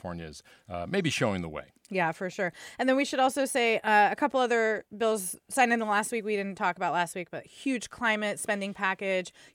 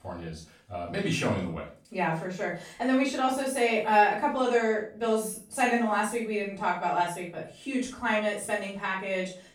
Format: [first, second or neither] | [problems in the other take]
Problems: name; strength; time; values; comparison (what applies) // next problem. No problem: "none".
first | off-mic speech; far // room echo; noticeable; dies away in 0.4 s